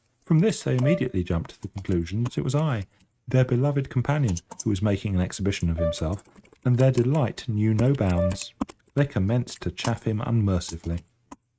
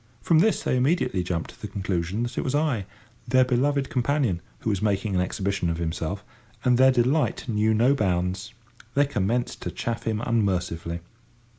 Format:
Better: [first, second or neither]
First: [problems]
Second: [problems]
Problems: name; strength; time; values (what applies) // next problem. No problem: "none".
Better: second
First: noise reduction (neural mask model RNNoise)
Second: none